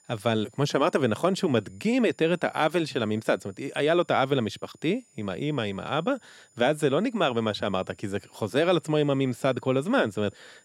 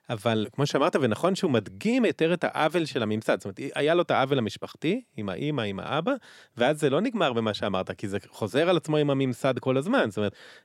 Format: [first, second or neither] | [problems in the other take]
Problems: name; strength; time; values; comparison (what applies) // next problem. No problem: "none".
second | high-pitched whine; faint; throughout; 7 kHz, 35 dB below the speech